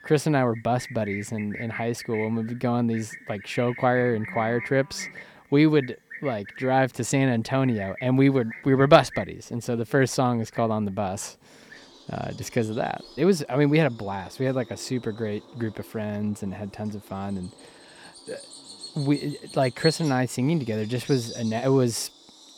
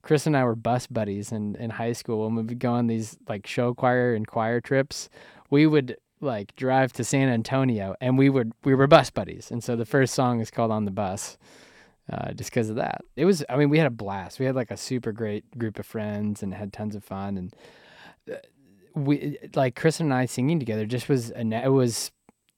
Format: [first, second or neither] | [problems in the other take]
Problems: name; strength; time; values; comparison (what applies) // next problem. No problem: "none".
second | animal sounds; noticeable; throughout; 15 dB below the speech